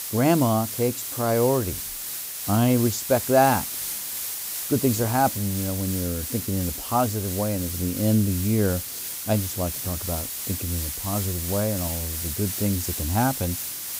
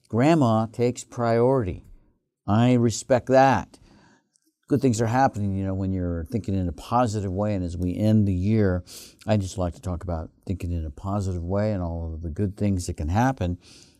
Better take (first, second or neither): second